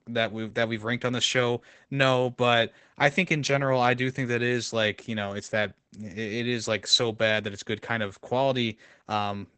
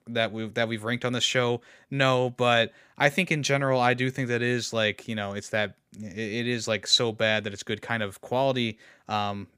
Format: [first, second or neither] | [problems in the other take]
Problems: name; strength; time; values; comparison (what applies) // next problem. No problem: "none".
second | garbled, watery; badly; nothing above 8 kHz